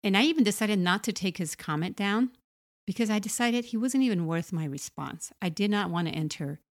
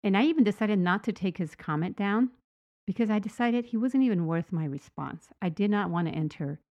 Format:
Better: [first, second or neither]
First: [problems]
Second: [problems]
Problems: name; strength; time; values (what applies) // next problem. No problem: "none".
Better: first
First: none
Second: muffled; very; fading above 3.5 kHz